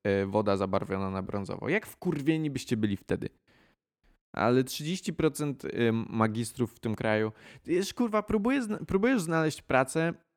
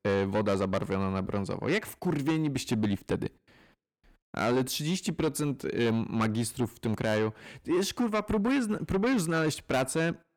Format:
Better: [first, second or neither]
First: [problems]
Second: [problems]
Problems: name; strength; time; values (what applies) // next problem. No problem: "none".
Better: first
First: none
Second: distortion; heavy; 8 dB below the speech